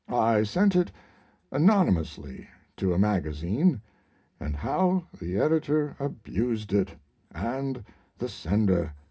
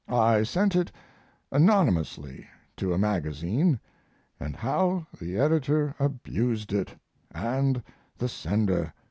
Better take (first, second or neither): second